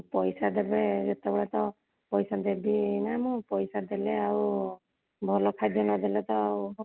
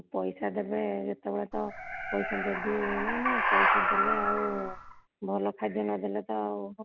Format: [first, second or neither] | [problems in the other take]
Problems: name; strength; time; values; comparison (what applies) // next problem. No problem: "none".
first | background sound (Animal); 4 dB above the speech